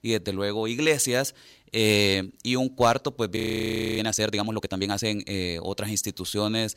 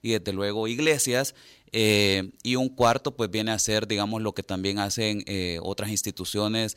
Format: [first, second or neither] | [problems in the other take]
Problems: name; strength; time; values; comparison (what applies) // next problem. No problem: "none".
second | audio freezing; at 3.5 s for 0.5 s